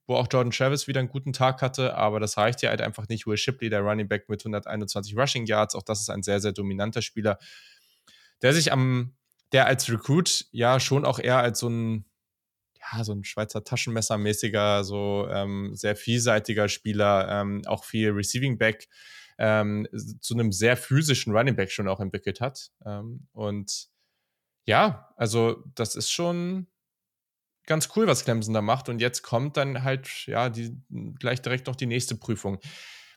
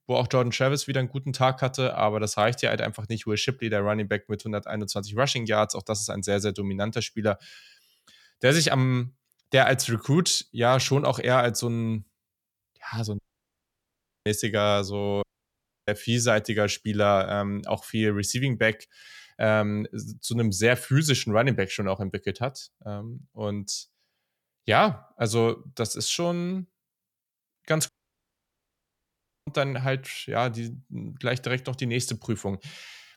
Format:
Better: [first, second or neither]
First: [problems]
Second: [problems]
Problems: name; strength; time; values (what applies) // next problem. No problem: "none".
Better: first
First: none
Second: audio cutting out; at 13 s for 1 s, at 15 s for 0.5 s and at 28 s for 1.5 s